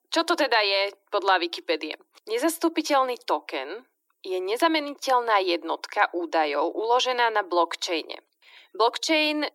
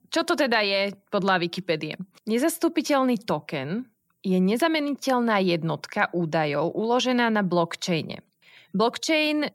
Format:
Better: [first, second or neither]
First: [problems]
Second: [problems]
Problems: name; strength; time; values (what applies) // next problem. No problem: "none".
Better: second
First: thin; very; fading below 300 Hz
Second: none